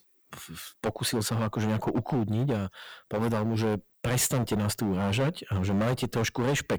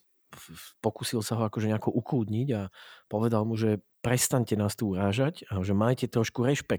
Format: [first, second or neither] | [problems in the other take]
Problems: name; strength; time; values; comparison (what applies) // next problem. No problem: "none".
second | distortion; heavy; 14% of the sound clipped